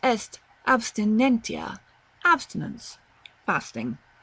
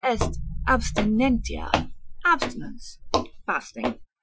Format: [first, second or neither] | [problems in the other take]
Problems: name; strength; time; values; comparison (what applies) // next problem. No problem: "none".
first | noise reduction (classical method Wiener filter)